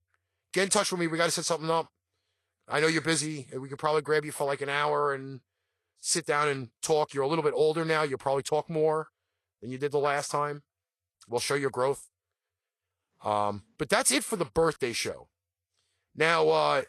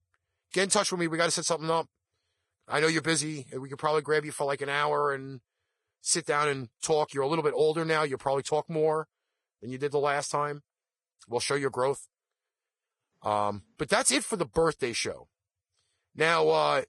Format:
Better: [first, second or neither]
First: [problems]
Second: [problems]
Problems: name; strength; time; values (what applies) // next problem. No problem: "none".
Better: first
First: garbled, watery; slightly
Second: garbled, watery; badly